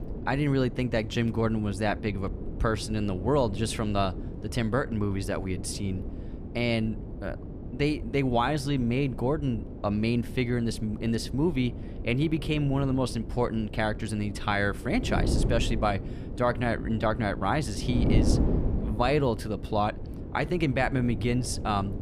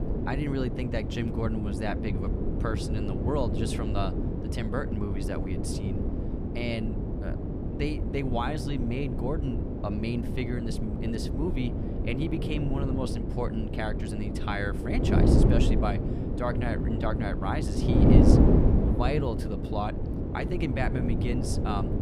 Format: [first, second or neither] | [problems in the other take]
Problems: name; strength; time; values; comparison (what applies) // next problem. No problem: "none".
first | wind noise on the microphone; heavy; as loud as the speech; occasional gusts in the first